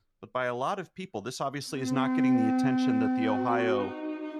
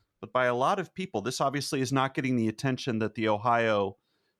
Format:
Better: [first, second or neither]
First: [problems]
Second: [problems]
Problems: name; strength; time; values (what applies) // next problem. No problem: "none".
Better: second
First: background music; very loud; throughout; 4 dB above the speech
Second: none